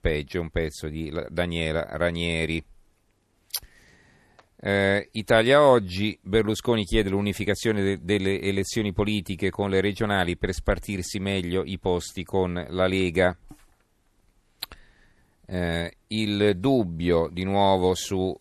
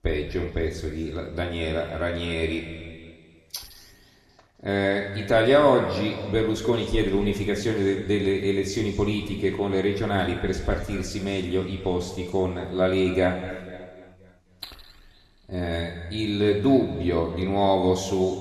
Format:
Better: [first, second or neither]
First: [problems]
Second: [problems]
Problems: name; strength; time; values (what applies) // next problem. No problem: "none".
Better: first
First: none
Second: room echo; noticeable; dies away in 1.9 s // off-mic speech; somewhat distant